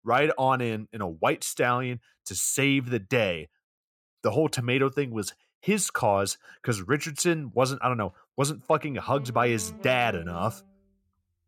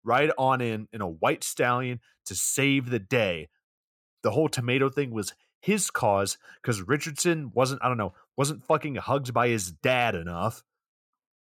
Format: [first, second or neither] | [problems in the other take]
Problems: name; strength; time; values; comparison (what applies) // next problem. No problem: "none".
second | background music; noticeable; from 9 s on; 20 dB below the speech